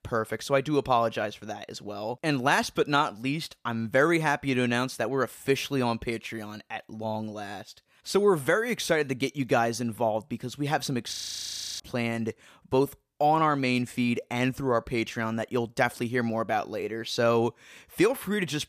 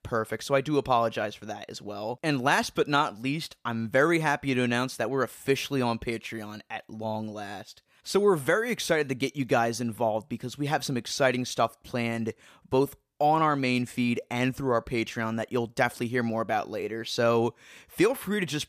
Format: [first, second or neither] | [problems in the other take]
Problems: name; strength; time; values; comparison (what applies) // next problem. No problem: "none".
second | audio freezing; at 11 s for 0.5 s